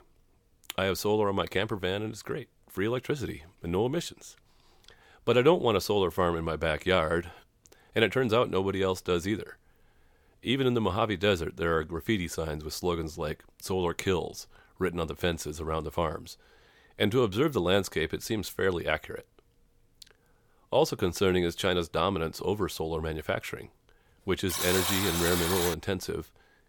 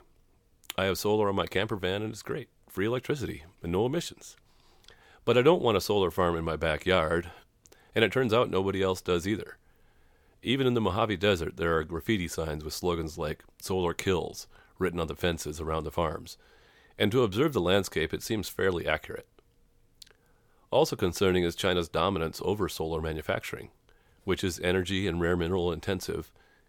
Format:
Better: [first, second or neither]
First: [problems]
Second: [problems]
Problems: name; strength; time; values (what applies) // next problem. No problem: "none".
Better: second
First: alarm; loud; from 24 to 26 s; peak 2 dB above the speech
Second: none